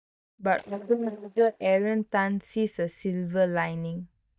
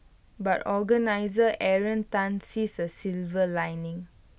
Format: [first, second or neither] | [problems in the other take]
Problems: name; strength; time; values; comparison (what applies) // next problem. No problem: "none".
second | noise reduction (neural mask model DeepFilterNet 3)